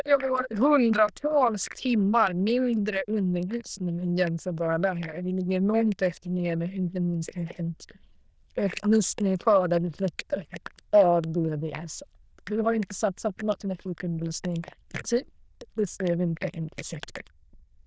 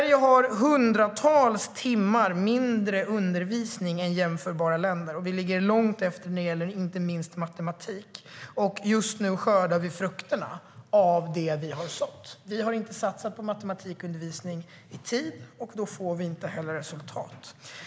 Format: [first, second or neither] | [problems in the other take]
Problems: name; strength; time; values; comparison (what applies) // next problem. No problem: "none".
second | noise reduction (neural diffusion model UNIVERSE++)